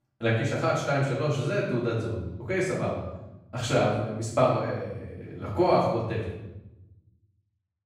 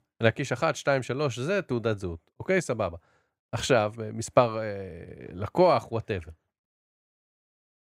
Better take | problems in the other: second | off-mic speech; far // room echo; noticeable; dies away in 0.9 s

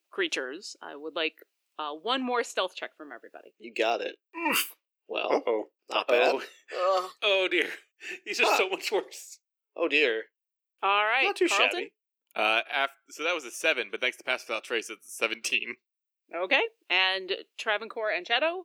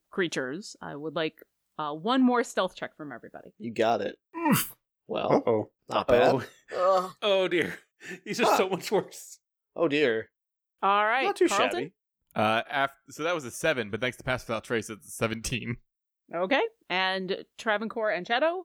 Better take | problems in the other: second | thin; somewhat; fading below 350 Hz

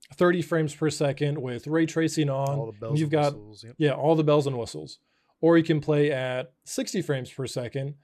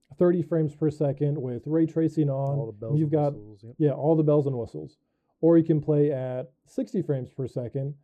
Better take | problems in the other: first | muffled; very; fading above 1 kHz

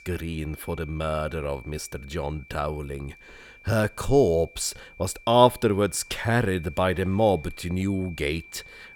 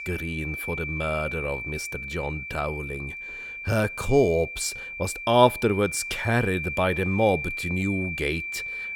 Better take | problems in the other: first | high-pitched whine; loud; throughout; 2.5 kHz, 6 dB below the speech; faint in the first

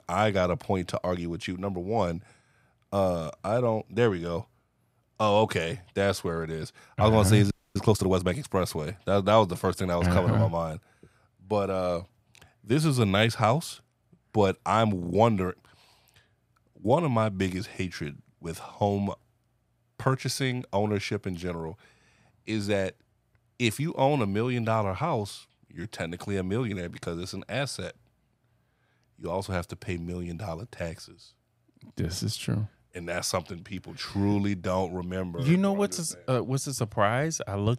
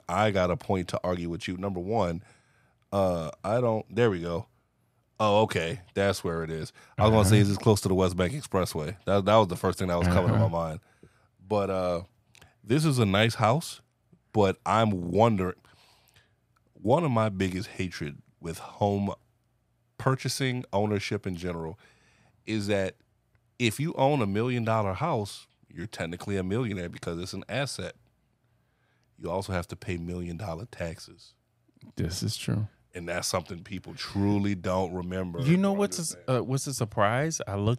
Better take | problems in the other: second | audio freezing; at 7.5 s

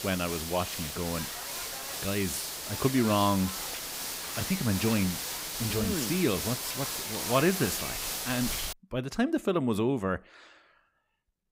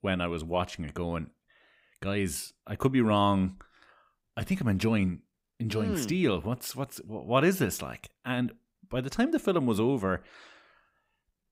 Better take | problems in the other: second | hiss; loud; until 8.5 s; 3 dB below the speech

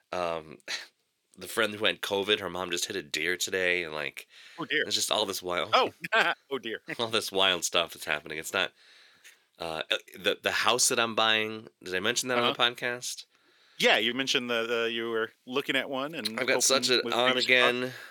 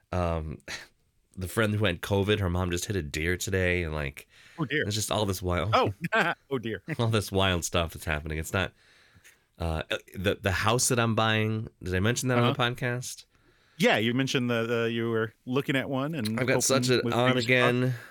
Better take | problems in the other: second | thin; somewhat; fading below 350 Hz

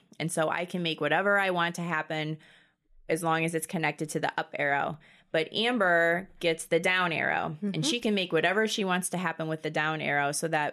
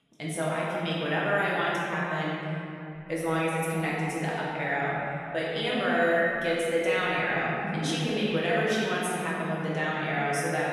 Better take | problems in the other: first | room echo; strong; dies away in 3 s // off-mic speech; far

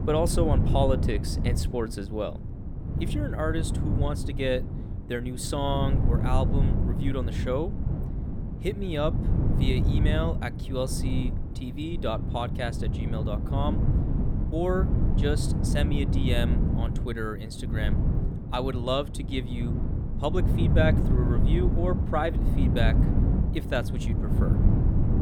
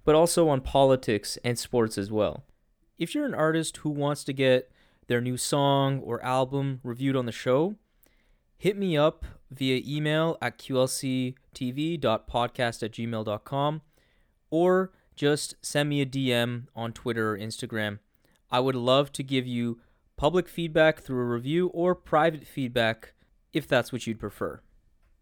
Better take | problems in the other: second | wind noise on the microphone; heavy; 6 dB below the speech

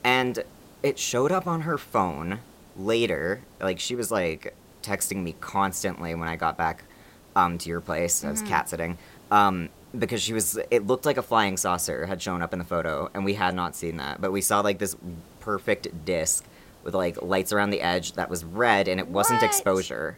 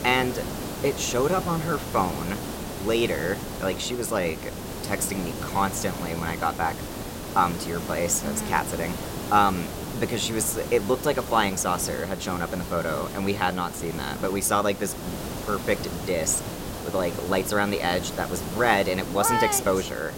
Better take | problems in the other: first | hiss; loud; throughout; 8 dB below the speech; faint in the first

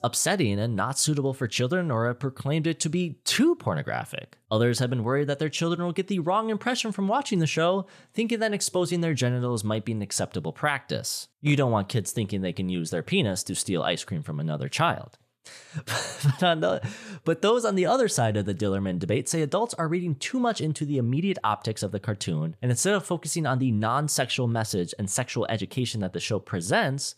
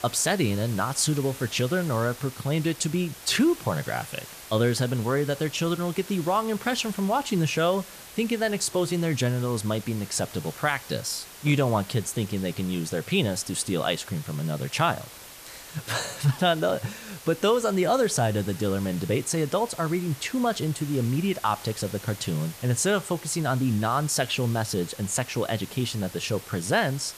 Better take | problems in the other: first | hiss; noticeable; throughout; 15 dB below the speech

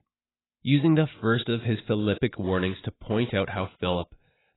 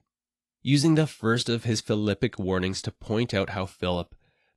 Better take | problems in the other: second | garbled, watery; badly; nothing above 4 kHz; slightly in the second

